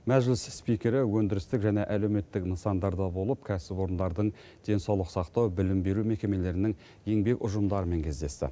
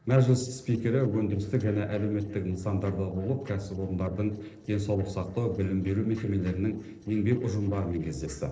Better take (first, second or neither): first